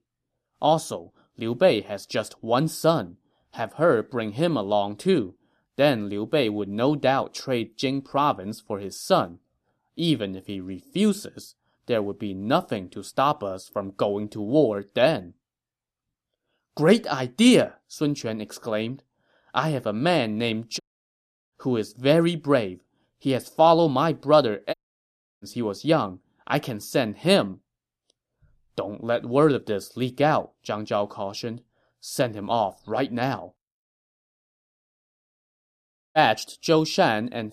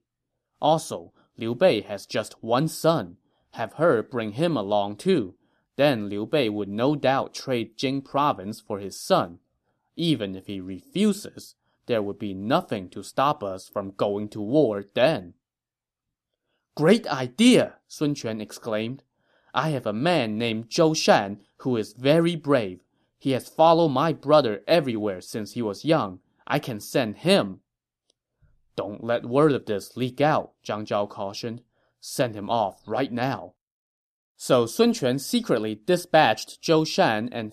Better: second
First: audio cutting out; at 21 s for 0.5 s, at 25 s for 0.5 s and at 34 s for 2.5 s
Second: none

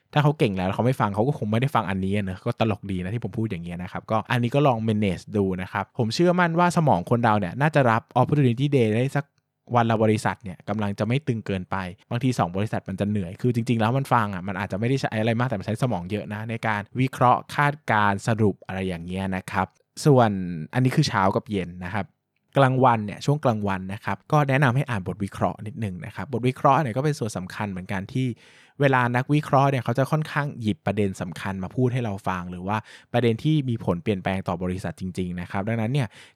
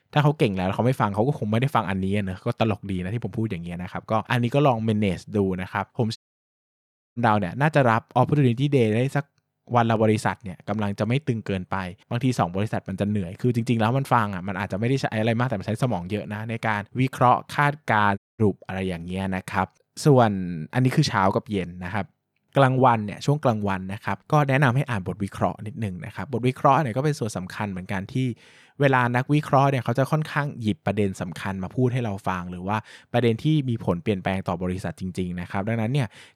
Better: first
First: none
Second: audio cutting out; at 6 s for 1 s and at 18 s

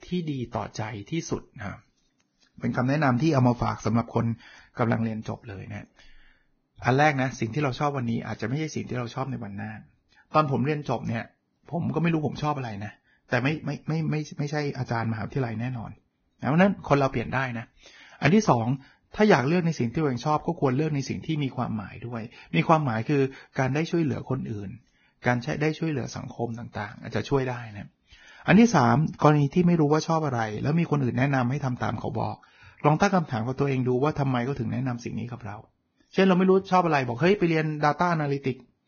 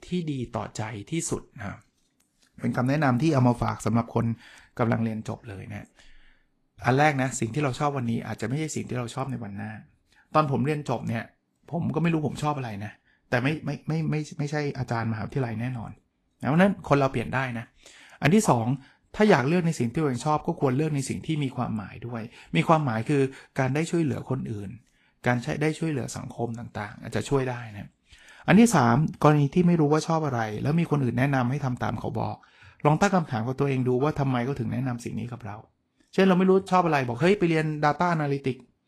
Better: second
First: garbled, watery; badly; nothing above 6.5 kHz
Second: garbled, watery; slightly; nothing above 12.5 kHz

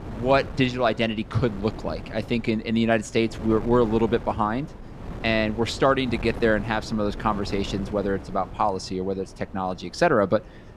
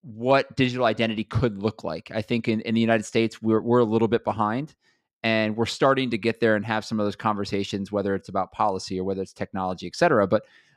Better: second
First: wind noise on the microphone; occasional gusts; 15 dB below the speech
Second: none

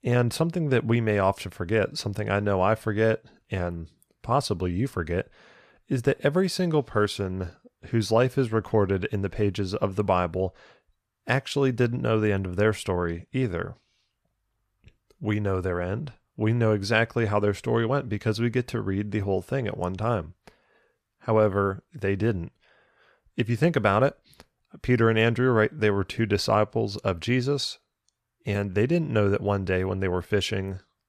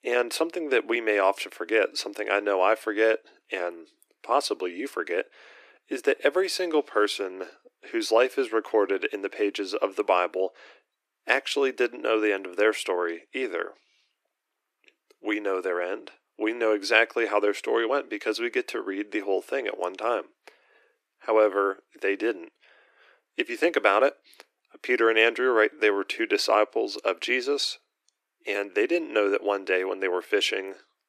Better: first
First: none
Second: thin; very; fading below 300 Hz

